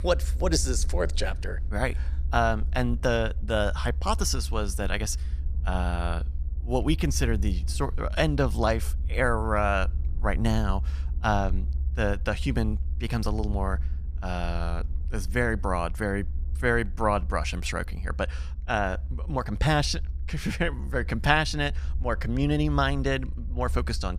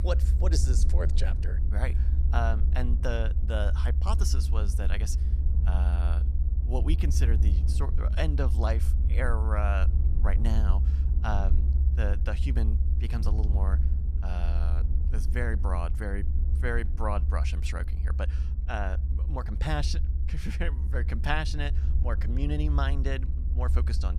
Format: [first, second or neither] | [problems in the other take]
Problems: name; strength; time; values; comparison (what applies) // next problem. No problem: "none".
first | low rumble; loud; throughout; 9 dB below the speech; faint in the first